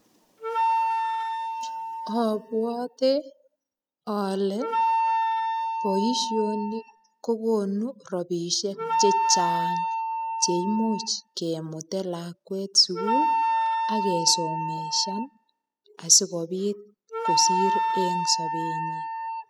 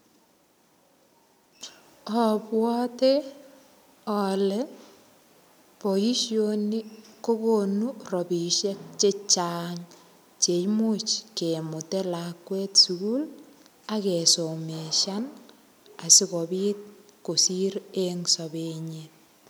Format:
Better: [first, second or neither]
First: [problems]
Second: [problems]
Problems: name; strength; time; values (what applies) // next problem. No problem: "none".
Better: second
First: noise reduction (classical method spectral subtraction)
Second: none